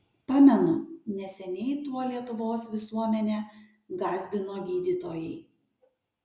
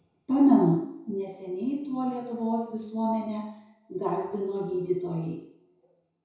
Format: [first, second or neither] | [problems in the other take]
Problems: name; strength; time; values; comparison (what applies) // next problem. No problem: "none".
first | room echo; dies away in 0.6 s